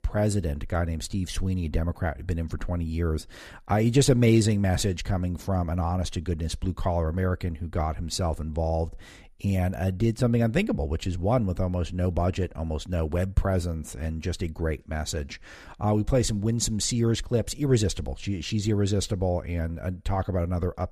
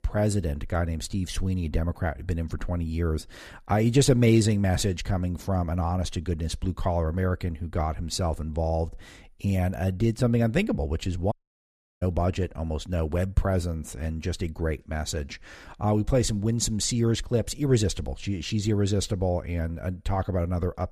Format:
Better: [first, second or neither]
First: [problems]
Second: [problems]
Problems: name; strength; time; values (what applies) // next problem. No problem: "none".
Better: first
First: none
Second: audio cutting out; at 11 s for 0.5 s